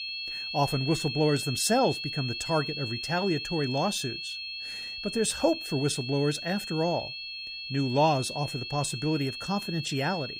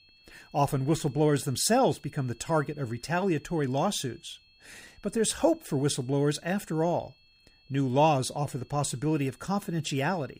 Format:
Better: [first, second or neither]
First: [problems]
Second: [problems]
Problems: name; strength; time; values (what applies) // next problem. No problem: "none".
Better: second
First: high-pitched whine; loud; throughout; 4.5 kHz, 5 dB below the speech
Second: high-pitched whine; faint; throughout; 4.5 kHz, 30 dB below the speech